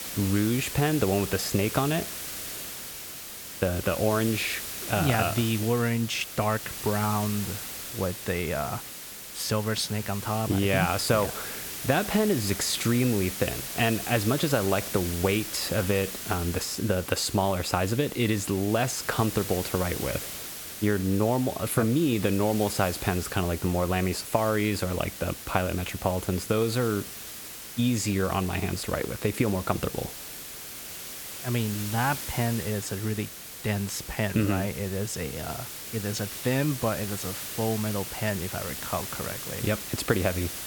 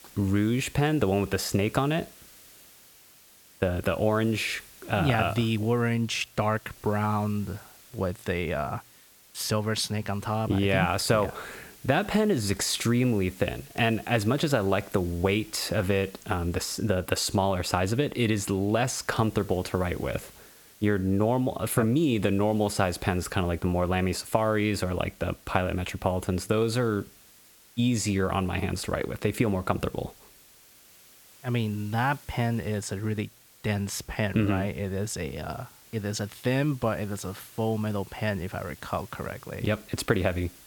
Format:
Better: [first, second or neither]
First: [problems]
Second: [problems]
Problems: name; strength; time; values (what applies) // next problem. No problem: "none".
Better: second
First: hiss; loud; throughout; 8 dB below the speech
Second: hiss; faint; throughout; 25 dB below the speech